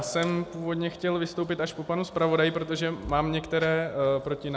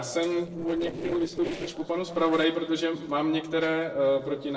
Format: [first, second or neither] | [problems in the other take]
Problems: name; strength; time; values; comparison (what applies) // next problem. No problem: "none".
first | noise reduction (neural separator model SepFormer DNS4)